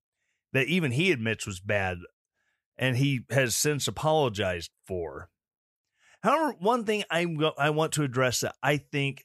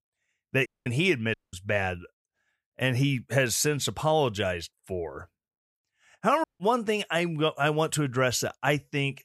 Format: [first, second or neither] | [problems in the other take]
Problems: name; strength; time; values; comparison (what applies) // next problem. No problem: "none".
first | audio cutting out; at 0.5 s, at 1.5 s and at 6.5 s